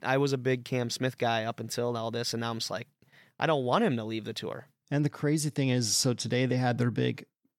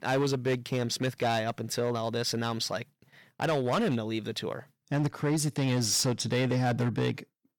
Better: first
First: none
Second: distortion; slight; 10% of the sound clipped

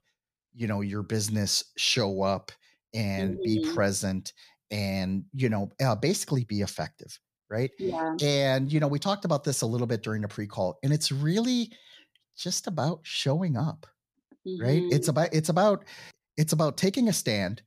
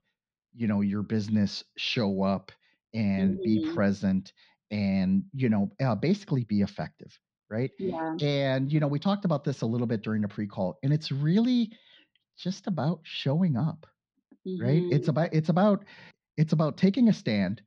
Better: first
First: none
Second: muffled; slightly; fading above 4 kHz

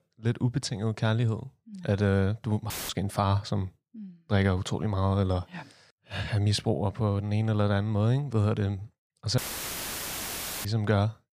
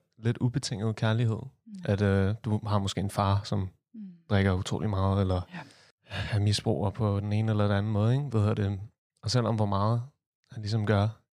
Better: second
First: audio cutting out; filled with static; at 2.5 s and at 9.5 s for 1.5 s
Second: none

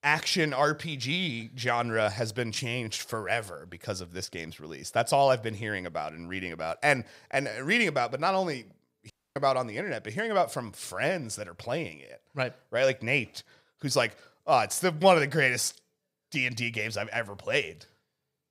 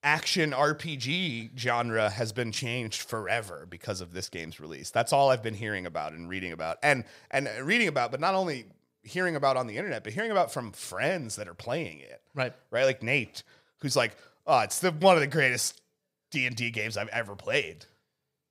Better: second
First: audio cutting out; at 9 s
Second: none

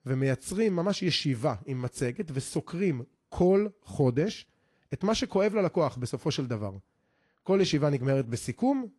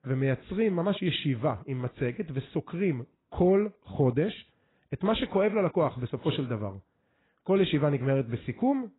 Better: first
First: garbled, watery; slightly; nothing above 11 kHz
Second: garbled, watery; badly; nothing above 4 kHz

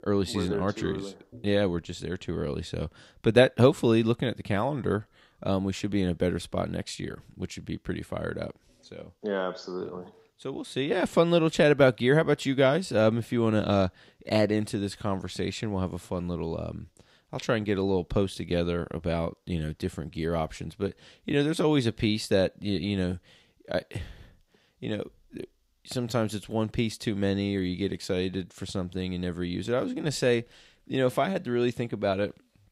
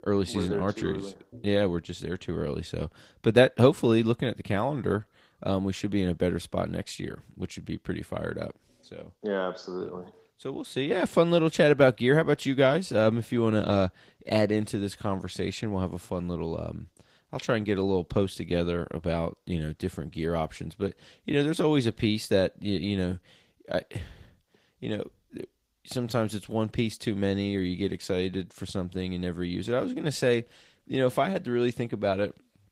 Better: first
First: none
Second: garbled, watery; slightly; nothing above 15.5 kHz

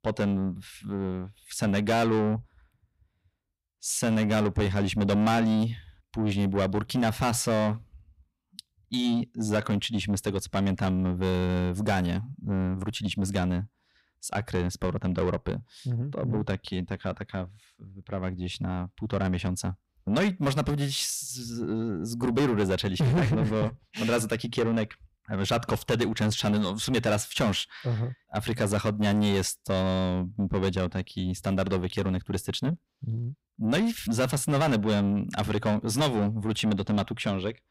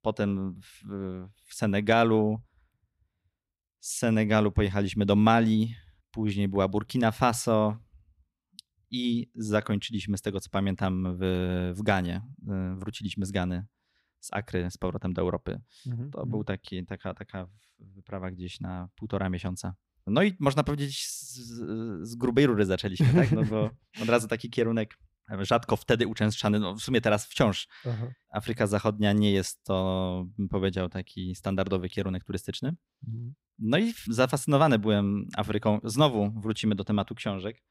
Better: second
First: distortion; heavy; 7 dB below the speech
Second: none

